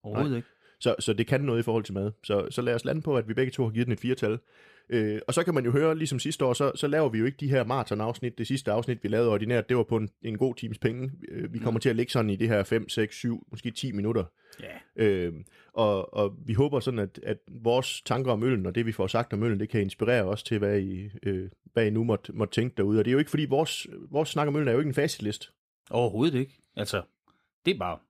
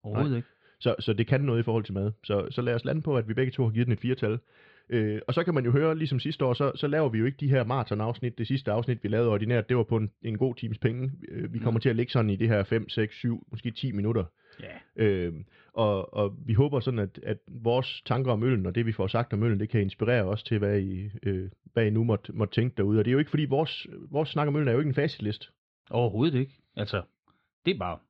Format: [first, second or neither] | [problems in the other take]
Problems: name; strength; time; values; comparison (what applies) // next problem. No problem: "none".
first | muffled; very slightly; fading above 4 kHz